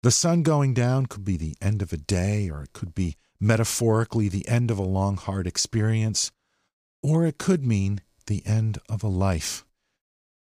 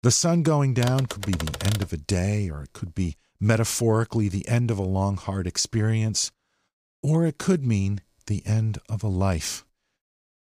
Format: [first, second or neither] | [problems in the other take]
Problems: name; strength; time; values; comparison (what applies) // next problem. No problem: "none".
first | keyboard typing; noticeable; from 1 to 2 s; peak 6 dB below the speech